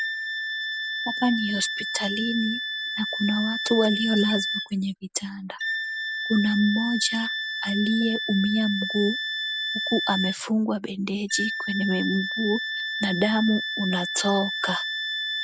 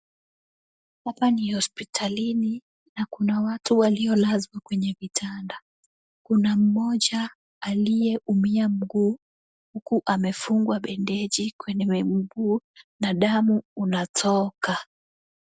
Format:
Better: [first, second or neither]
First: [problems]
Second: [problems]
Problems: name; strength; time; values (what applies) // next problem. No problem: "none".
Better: second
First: background sound (Wind instrument, woodwind instrument); 4 dB below the speech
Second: none